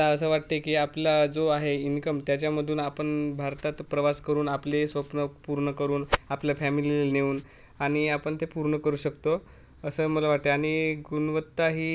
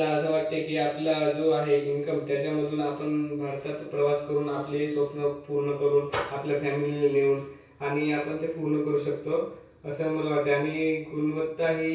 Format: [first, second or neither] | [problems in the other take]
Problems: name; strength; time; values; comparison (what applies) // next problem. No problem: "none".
first | room echo; dies away in 0.6 s